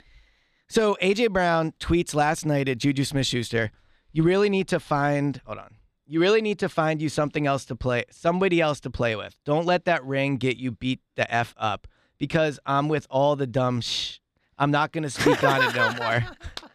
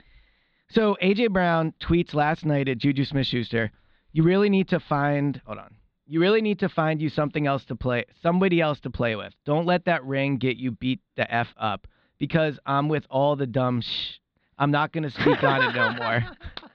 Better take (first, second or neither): first